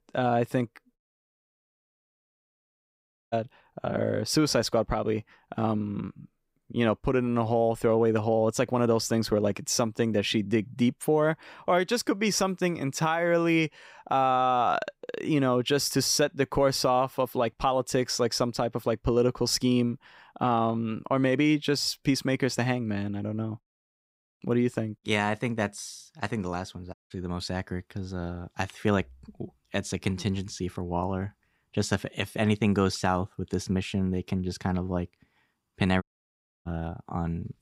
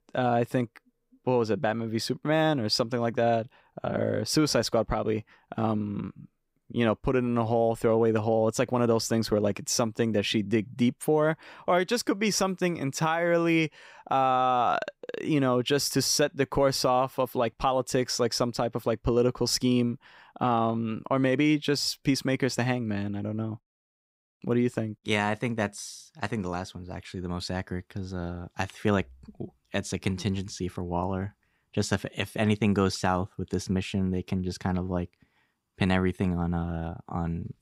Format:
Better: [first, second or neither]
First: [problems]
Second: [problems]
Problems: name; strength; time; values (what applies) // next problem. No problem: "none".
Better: second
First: audio cutting out; at 1 s for 2.5 s, at 27 s and at 36 s for 0.5 s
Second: none